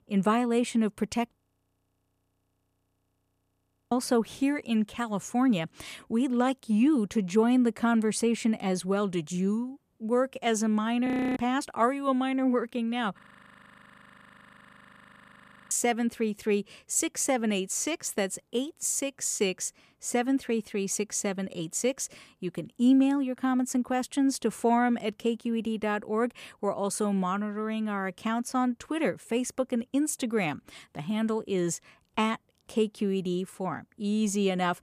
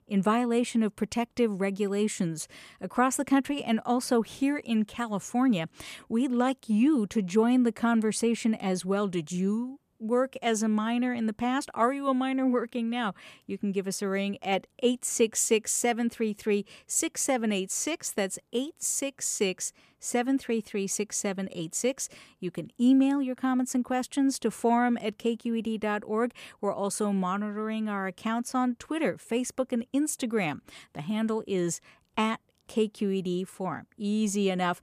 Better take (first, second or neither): second